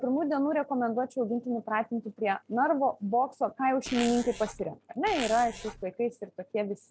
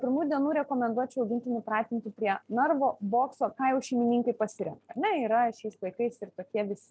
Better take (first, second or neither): second